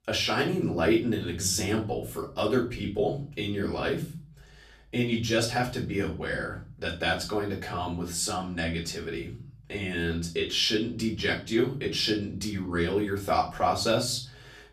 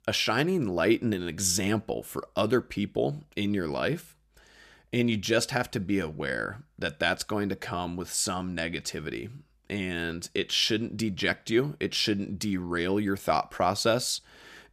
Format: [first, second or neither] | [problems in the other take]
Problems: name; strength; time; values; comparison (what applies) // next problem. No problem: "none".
second | off-mic speech; far // room echo; slight; dies away in 0.5 s